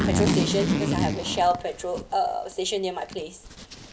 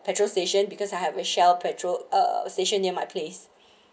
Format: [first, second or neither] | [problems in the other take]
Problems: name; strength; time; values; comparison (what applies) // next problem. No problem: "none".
second | background sound (Zipper (clothing)); as loud as the speech